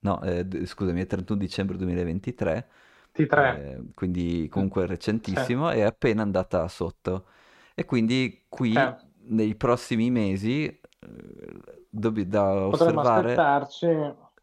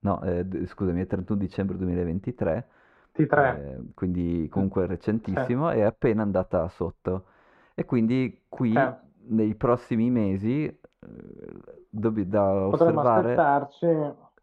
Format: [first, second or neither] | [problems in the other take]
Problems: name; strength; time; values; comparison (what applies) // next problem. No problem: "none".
first | muffled; very; fading above 2.5 kHz